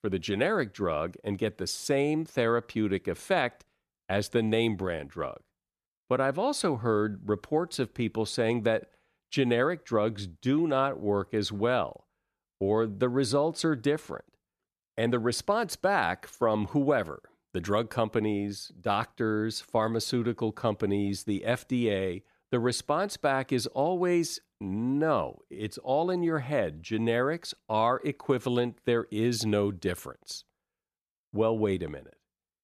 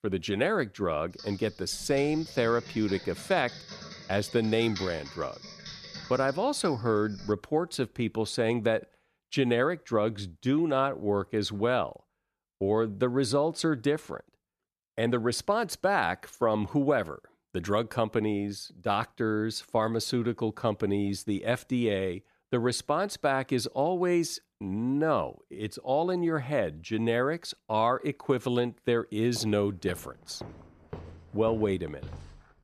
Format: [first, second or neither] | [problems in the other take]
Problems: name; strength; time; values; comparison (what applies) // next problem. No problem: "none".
first | keyboard typing; noticeable; from 1 to 7.5 s; peak 10 dB below the speech // footsteps; faint; from 29 s on; peak 15 dB below the speech